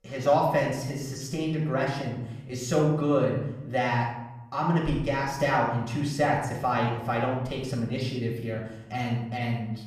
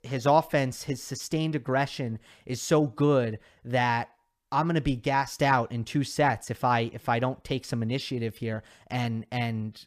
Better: second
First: off-mic speech; far // room echo; noticeable; dies away in 0.8 s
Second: none

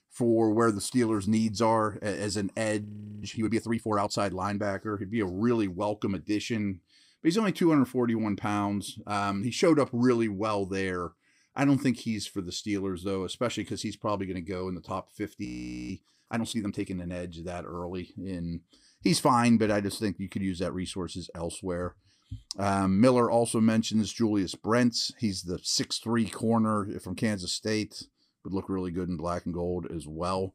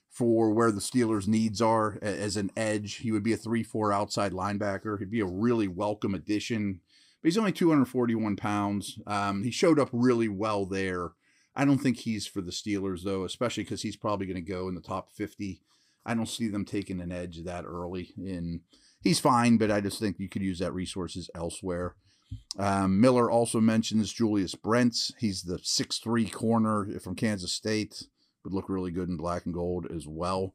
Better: second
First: audio freezing; at 3 s and at 15 s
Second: none

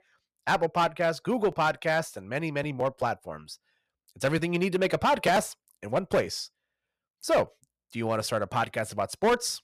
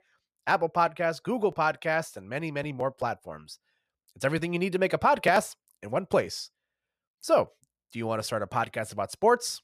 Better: second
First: distortion; slight; 4% of the sound clipped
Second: none

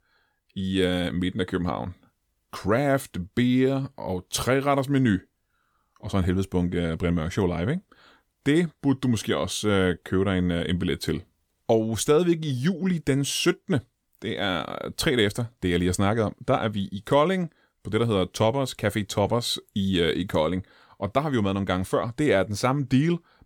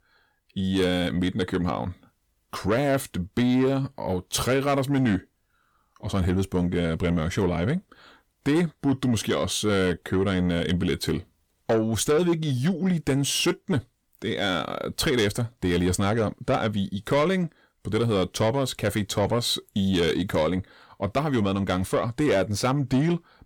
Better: first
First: none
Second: distortion; slight; 10 dB below the speech

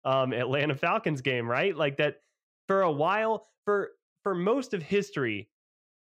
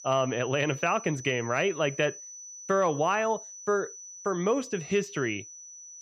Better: first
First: none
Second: high-pitched whine; noticeable; throughout; 6 kHz, 15 dB below the speech

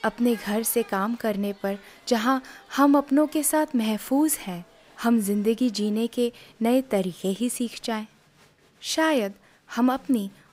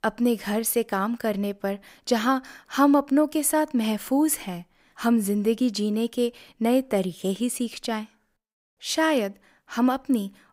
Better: second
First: crowd noise; faint; throughout; 30 dB below the speech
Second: none

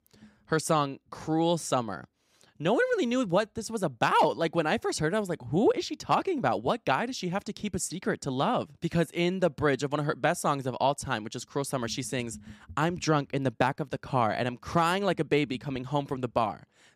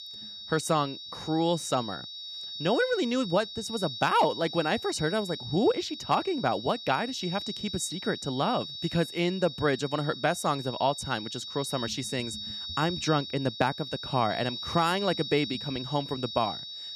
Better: first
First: none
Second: high-pitched whine; loud; throughout; 4 kHz, 8 dB below the speech

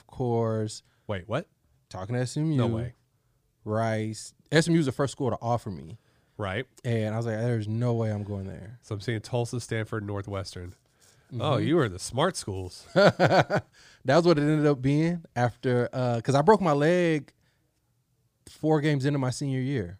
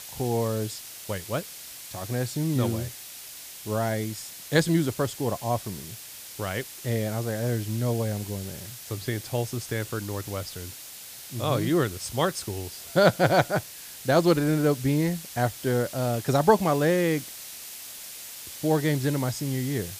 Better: first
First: none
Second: hiss; noticeable; throughout; 10 dB below the speech

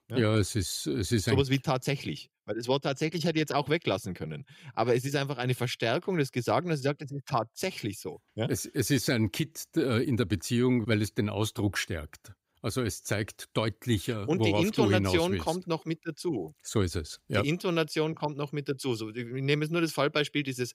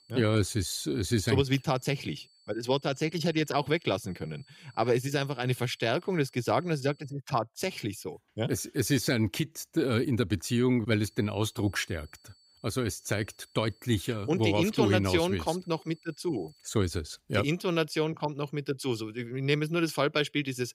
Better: first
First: none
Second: high-pitched whine; faint; until 7 s and from 11 to 17 s; 4.5 kHz, 30 dB below the speech

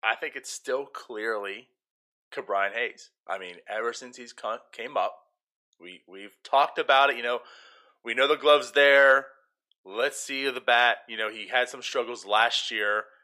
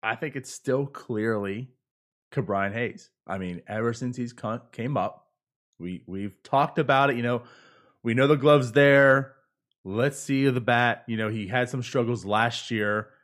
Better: second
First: thin; very; fading below 500 Hz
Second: none

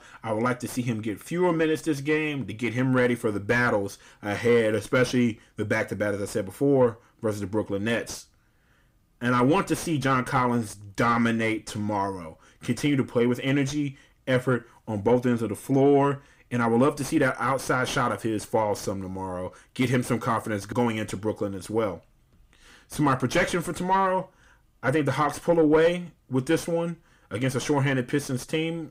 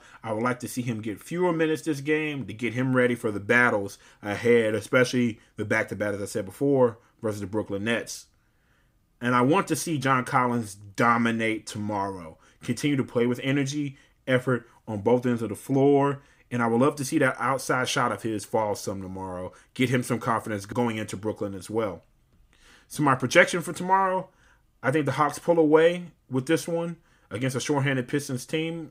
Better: second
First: distortion; slight; 10 dB below the speech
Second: none

